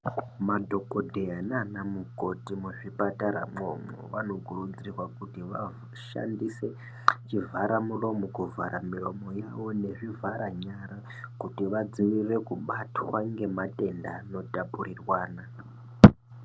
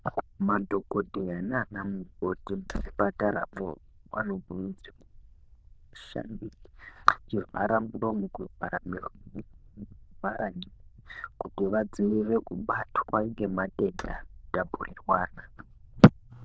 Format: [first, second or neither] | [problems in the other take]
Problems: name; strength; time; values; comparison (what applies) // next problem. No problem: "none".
first | noise reduction (neural diffusion model UNIVERSE++)